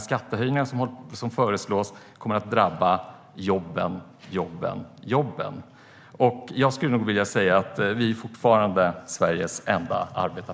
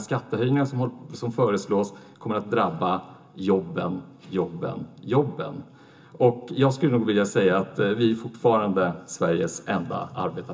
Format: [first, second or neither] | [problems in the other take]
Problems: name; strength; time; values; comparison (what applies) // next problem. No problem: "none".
first | room echo; dies away in 0.2 s